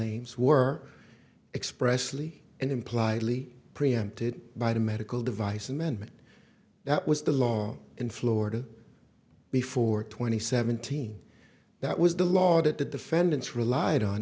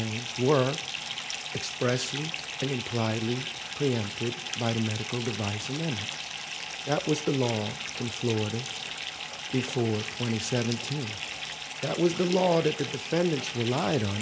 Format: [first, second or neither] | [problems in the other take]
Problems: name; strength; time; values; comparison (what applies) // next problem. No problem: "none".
first | background sound (Fill (with liquid) / Bathtub (filling or washing)); 6 dB below the speech